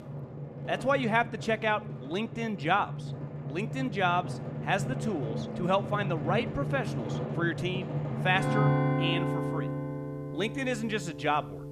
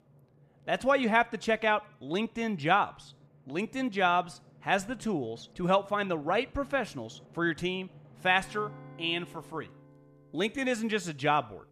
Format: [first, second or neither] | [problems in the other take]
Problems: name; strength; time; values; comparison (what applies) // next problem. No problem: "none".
second | background music; loud; throughout; 3 dB below the speech; faint in the second